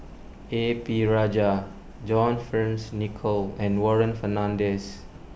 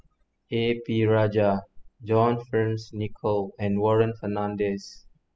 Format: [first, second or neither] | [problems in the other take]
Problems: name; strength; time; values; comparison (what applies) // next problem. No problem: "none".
first | noise reduction (classical method spectral subtraction)